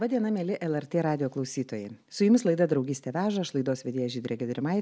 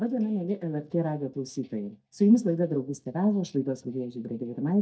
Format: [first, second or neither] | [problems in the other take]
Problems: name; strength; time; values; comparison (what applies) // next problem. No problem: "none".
first | noise reduction (neural mask model DeepFilterNet 3)